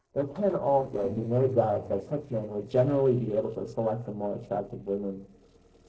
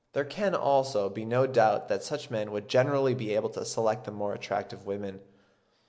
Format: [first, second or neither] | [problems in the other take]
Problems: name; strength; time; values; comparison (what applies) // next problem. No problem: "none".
second | noise reduction (neural separator model SepFormer DNS4)